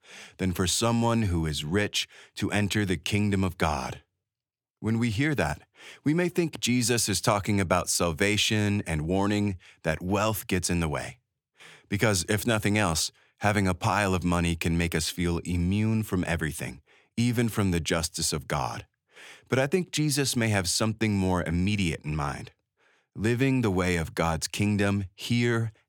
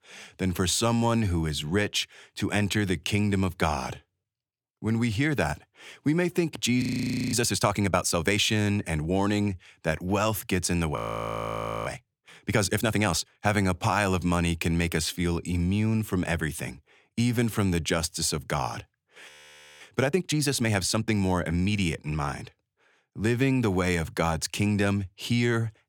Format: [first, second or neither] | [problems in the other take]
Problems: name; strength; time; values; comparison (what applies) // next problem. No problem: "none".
first | audio freezing; at 7 s for 0.5 s, at 11 s for 1 s and at 19 s for 0.5 s